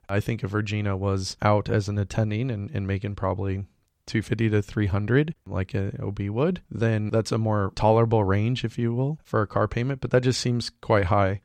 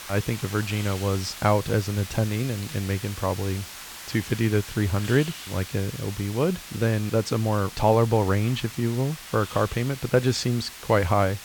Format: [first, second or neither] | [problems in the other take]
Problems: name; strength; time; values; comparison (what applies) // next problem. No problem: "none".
first | hiss; noticeable; throughout; 10 dB below the speech